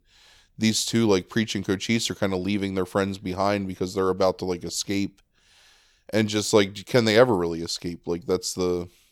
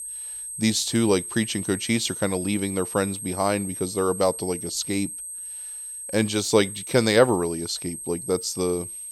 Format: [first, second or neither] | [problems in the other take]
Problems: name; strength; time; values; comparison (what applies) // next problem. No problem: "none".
first | high-pitched whine; loud; throughout; 8.5 kHz, 8 dB below the speech